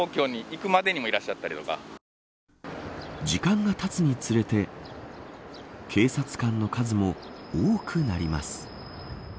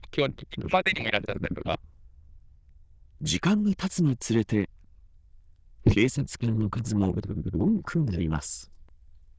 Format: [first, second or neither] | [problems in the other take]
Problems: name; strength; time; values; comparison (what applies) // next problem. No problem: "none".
first | noise reduction (neural diffusion model UNIVERSE++)